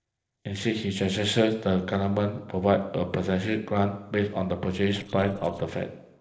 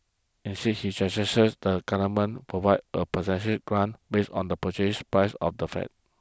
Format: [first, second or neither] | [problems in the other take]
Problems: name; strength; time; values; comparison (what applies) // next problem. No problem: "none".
second | noise reduction (neural separator model SepFormer DNS4)